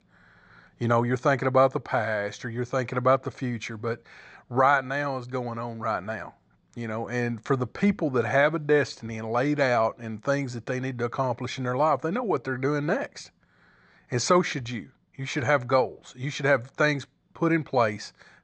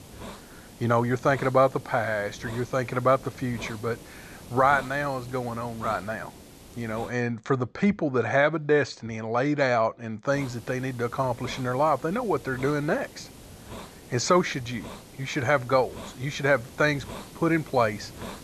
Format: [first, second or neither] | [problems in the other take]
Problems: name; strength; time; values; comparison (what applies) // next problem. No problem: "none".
first | hiss; noticeable; until 7 s and from 10 s on; 20 dB below the speech